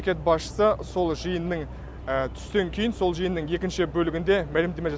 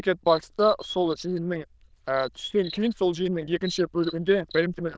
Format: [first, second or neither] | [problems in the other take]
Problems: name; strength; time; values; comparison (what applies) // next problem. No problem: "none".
first | noise reduction (neural diffusion model UNIVERSE++)